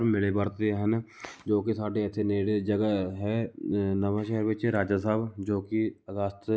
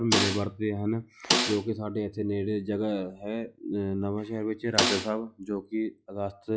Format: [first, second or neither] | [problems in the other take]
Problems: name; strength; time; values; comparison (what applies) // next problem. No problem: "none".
first | noise reduction (classical method log-MMSE)